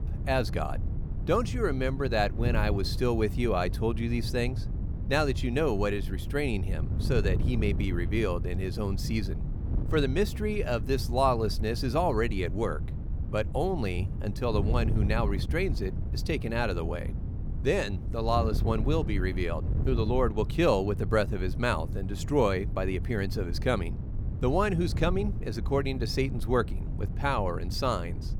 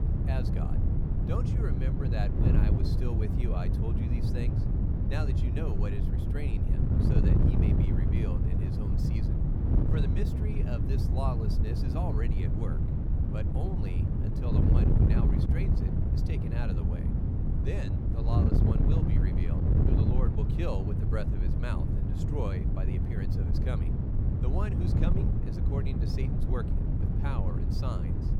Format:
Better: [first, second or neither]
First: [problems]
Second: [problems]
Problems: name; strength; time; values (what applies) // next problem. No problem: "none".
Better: first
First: wind noise on the microphone; occasional gusts; 15 dB below the speech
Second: wind noise on the microphone; heavy; 2 dB above the speech